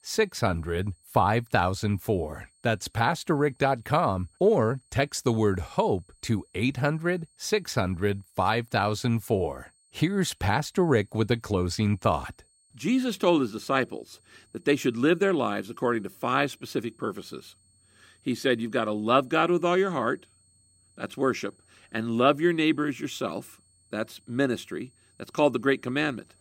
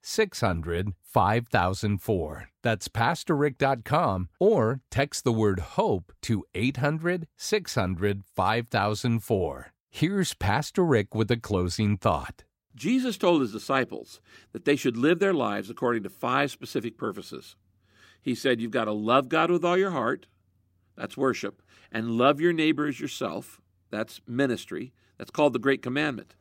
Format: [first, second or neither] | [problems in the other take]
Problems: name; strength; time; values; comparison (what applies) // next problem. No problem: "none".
second | high-pitched whine; faint; throughout; 8.5 kHz, 35 dB below the speech